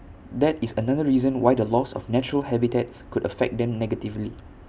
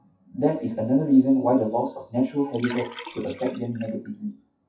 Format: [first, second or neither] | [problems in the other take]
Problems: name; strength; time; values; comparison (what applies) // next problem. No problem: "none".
first | noise reduction (classical method WPE with log-MMSE)